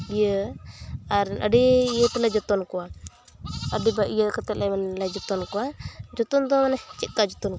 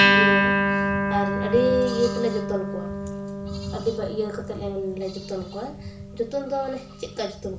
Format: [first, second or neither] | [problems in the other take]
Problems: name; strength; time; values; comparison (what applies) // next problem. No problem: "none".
first | background sound (Acoustic guitar); 2 dB above the speech // room echo; dies away in 0.4 s